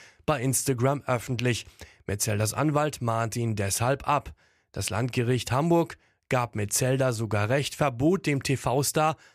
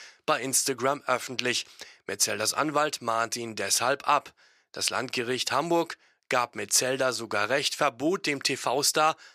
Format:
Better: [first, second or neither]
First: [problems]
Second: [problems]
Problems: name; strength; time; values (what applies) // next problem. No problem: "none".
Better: first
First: none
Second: thin; somewhat; fading below 300 Hz